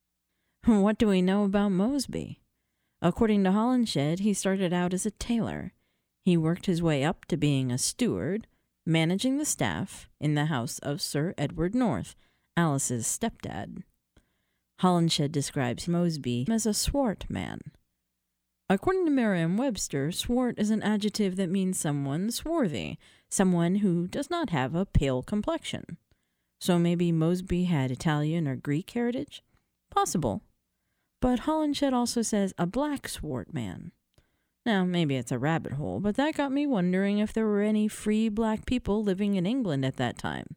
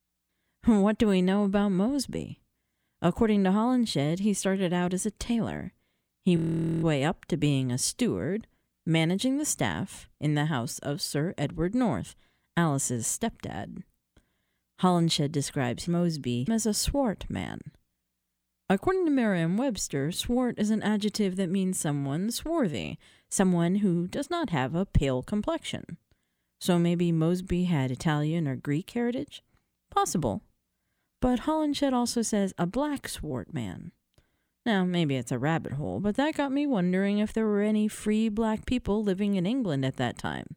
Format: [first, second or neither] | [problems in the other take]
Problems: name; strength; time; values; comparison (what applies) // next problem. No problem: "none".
first | audio freezing; at 6.5 s